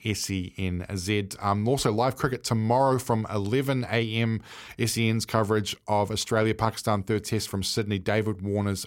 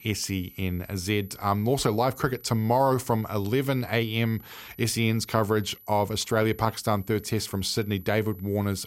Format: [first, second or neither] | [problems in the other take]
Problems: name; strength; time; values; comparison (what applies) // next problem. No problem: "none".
first | high-pitched whine; faint; throughout; 12 kHz, 20 dB below the speech